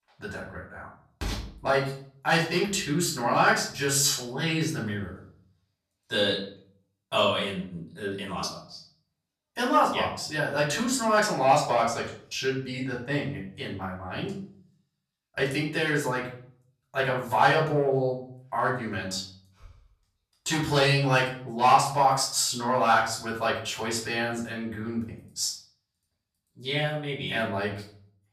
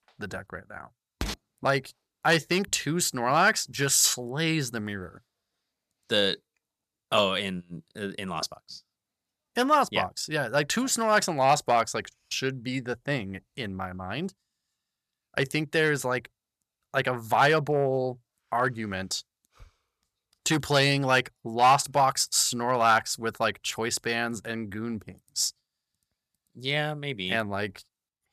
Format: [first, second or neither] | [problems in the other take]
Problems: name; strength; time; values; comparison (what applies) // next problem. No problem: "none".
second | room echo; slight; dies away in 0.5 s // off-mic speech; far